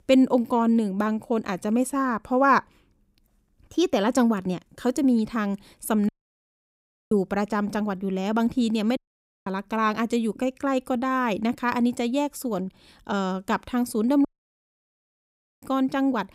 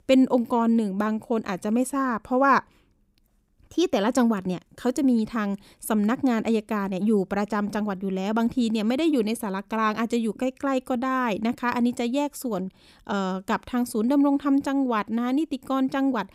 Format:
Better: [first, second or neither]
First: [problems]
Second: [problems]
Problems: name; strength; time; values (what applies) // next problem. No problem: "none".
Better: second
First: audio cutting out; at 6 s for 1 s, at 9 s and at 14 s for 1.5 s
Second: none